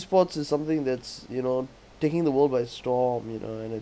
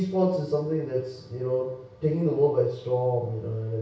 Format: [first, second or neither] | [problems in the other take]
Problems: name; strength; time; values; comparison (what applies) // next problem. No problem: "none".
first | room echo; dies away in 0.6 s